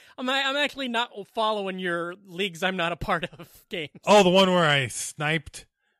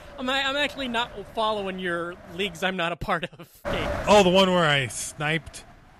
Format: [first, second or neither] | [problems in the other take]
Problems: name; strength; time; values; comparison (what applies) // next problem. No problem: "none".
first | wind noise on the microphone; occasional gusts; until 2.5 s and from 3.5 s on; 15 dB below the speech